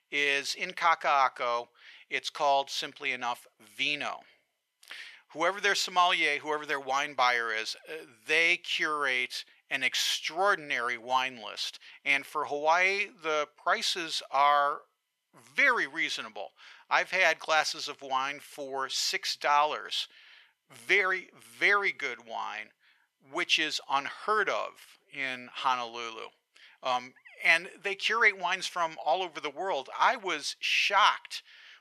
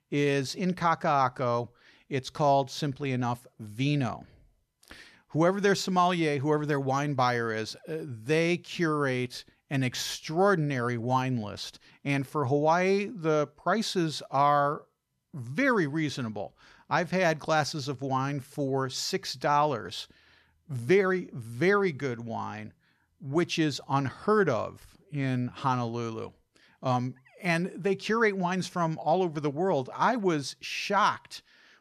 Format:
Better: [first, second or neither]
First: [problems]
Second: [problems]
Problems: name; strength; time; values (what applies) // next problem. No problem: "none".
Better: second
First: thin; very; fading below 700 Hz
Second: none